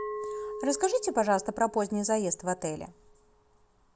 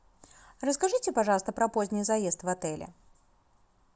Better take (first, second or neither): second